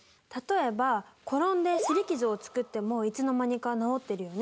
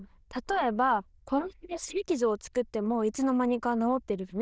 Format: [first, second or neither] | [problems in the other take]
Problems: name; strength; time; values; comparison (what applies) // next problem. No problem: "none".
first | noise reduction (neural diffusion model UNIVERSE++)